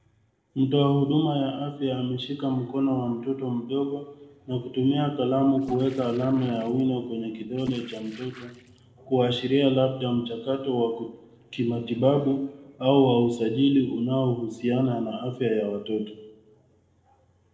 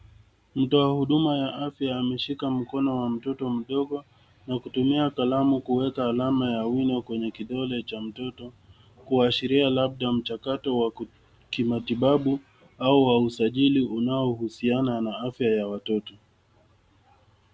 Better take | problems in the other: second | noise reduction (neural separator model SepFormer DNS4)

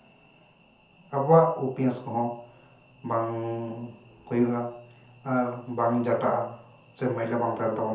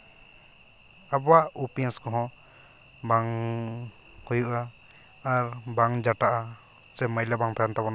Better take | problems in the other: second | room echo; dies away in 0.5 s

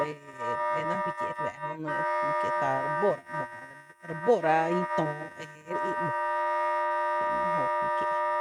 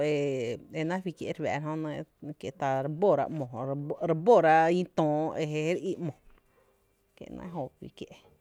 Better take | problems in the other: second | noise reduction (neural mask model RNNoise)

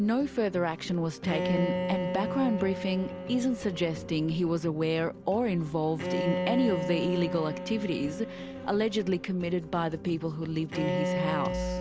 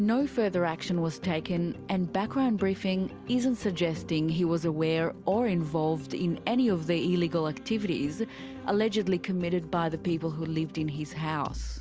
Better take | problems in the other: second | background sound (Bowed string instrument); 6 dB below the speech

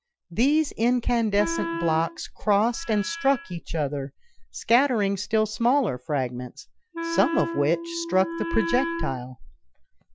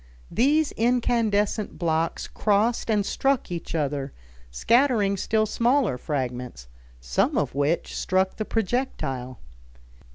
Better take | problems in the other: second | noise reduction (classical method Wiener filter)

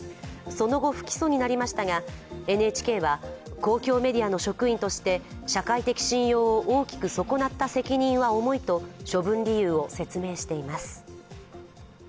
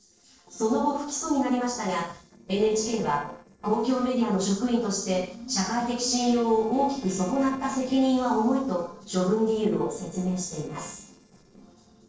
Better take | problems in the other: first | noise reduction (neural separator model SepFormer DNS4)

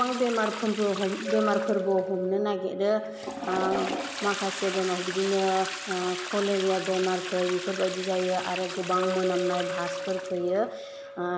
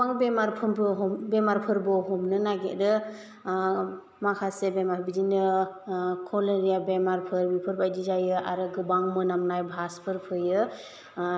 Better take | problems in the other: second | background sound (Toilet flush + Chink, clink); 6 dB below the speech

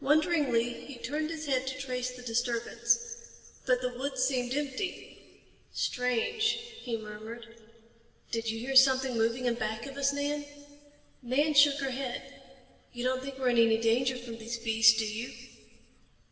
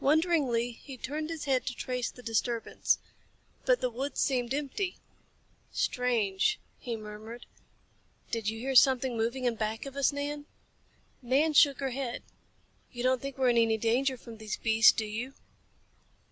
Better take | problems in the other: second | room echo; dies away in 1.8 s

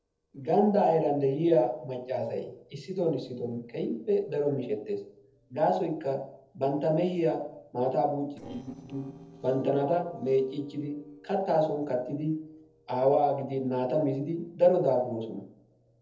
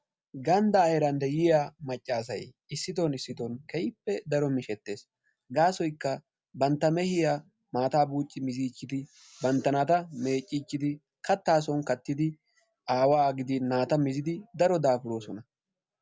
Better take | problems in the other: second | noise reduction (neural separator model SepFormer DNS4)

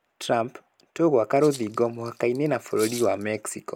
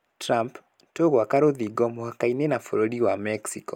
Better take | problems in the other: second | background sound (Rattle (instrument)); 18 dB below the speech

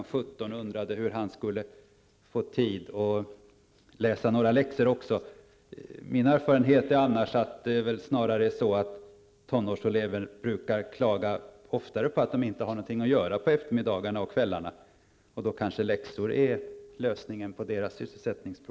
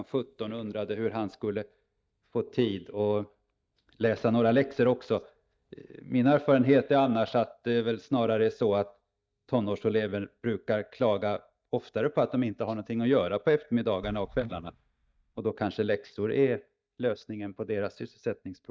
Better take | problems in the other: first | noise reduction (neural mask model DeepFilterNet 3)

